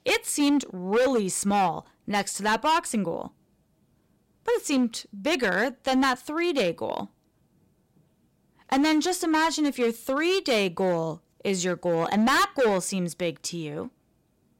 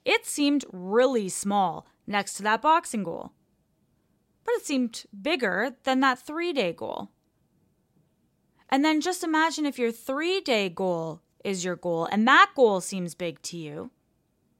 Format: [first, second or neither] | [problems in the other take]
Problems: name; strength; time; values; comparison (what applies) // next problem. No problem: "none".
second | distortion; heavy; 8% of the sound clipped